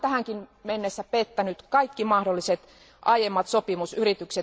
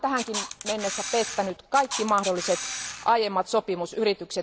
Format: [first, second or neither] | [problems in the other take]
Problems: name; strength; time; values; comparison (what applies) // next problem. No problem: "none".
first | background sound (Camera); 7 dB below the speech